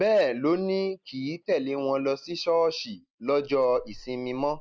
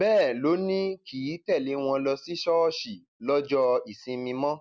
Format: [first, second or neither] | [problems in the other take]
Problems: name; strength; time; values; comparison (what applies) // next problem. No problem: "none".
second | noise reduction (neural mask model Resemble Enhance denoiser)